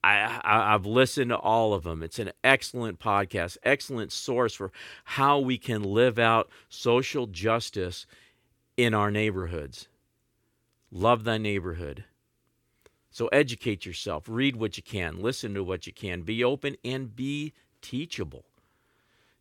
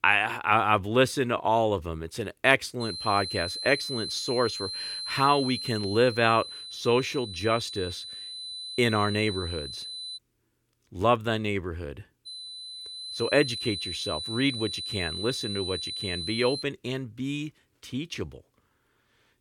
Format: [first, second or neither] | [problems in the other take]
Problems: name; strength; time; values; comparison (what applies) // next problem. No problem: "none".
first | high-pitched whine; loud; from 3 to 10 s and from 12 to 17 s; 4 kHz, 7 dB below the speech